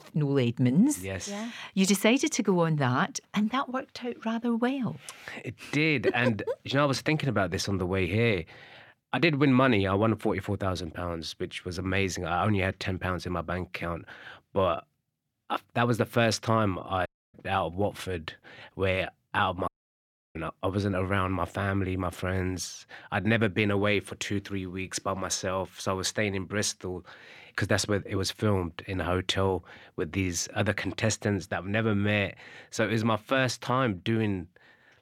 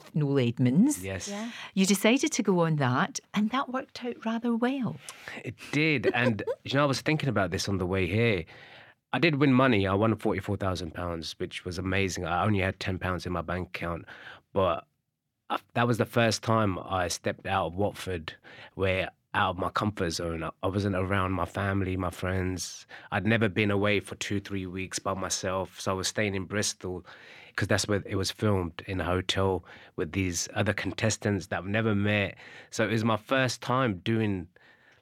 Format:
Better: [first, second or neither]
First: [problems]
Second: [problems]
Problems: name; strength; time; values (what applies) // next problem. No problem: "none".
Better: second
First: audio cutting out; at 17 s and at 20 s for 0.5 s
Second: none